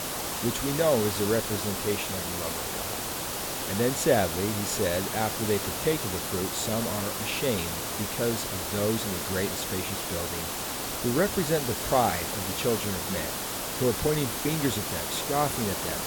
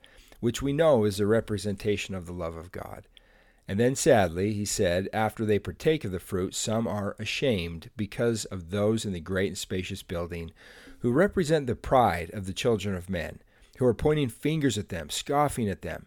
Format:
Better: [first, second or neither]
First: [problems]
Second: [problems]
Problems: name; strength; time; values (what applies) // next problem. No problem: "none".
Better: second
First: hiss; loud; throughout; 1 dB below the speech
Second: none